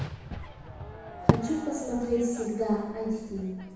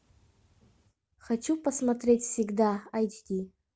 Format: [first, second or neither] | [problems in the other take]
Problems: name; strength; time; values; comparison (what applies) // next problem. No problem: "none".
second | background sound (Fireworks); 2 dB below the speech // room echo; dies away in 1.1 s